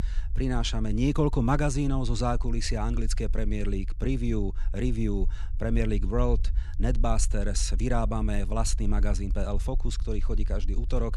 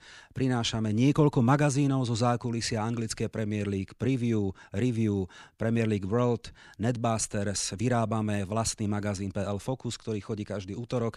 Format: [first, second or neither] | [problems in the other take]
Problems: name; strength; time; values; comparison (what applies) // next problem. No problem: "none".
second | low rumble; faint; throughout; 20 dB below the speech